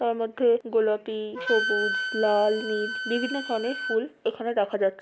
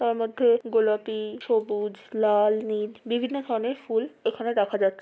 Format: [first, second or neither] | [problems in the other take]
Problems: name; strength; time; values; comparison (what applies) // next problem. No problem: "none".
second | background sound (Wind instrument, woodwind instrument); 7 dB below the speech